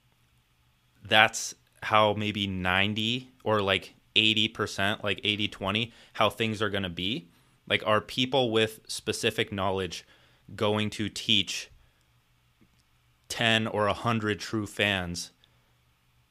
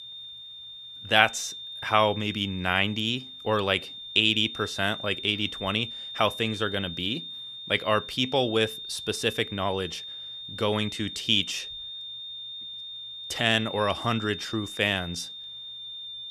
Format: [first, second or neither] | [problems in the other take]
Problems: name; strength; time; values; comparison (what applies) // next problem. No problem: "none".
first | high-pitched whine; loud; throughout; 3.5 kHz, 10 dB below the speech